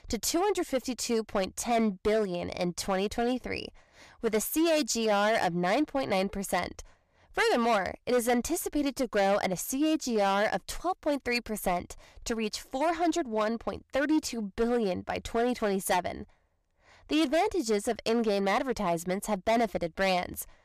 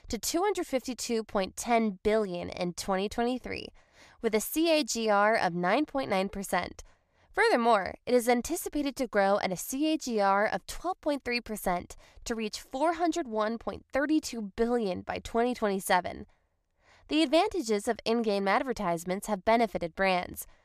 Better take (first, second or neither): second